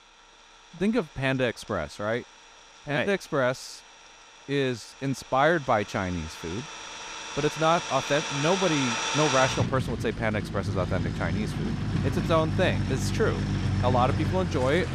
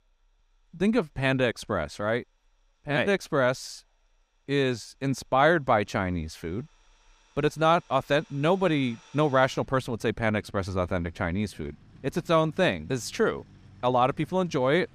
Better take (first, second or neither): second